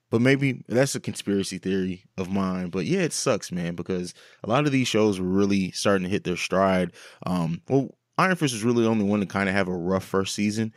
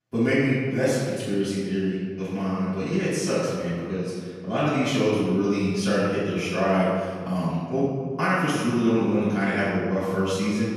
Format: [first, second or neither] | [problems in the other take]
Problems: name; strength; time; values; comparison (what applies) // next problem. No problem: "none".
first | off-mic speech; far // room echo; strong; dies away in 1.6 s